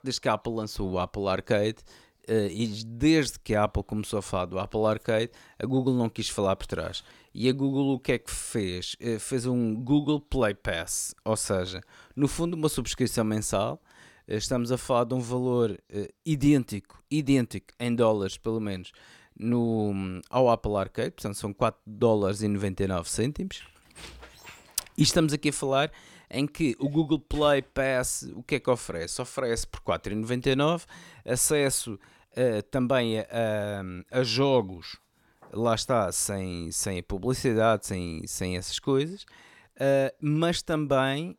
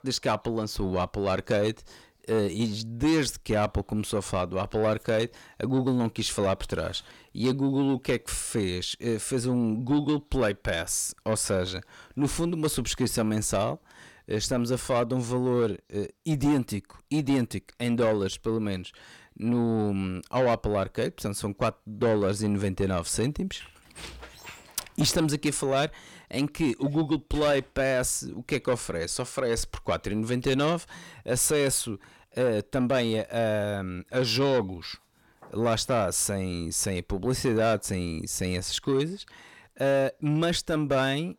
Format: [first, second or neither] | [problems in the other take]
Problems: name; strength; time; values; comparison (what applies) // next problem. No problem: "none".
first | distortion; slight; 10 dB below the speech